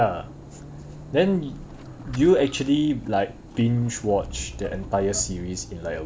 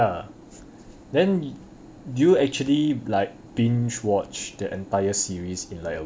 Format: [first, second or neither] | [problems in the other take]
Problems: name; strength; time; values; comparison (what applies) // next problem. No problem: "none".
second | background sound (Squeak / Accelerating, revving, vroom / Vehicle); 15 dB below the speech